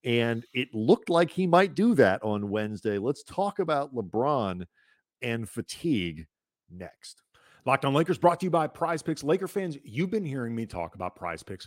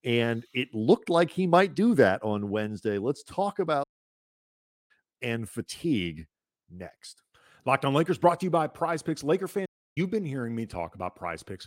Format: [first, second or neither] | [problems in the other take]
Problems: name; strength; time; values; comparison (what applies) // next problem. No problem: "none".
first | audio cutting out; at 4 s for 1 s and at 9.5 s